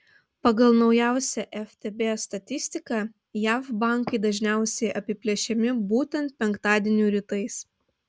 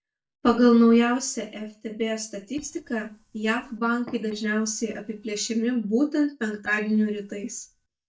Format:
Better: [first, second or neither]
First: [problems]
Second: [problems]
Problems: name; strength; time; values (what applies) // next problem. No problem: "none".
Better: first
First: none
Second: noise reduction (neural mask model DeepFilterNet 3)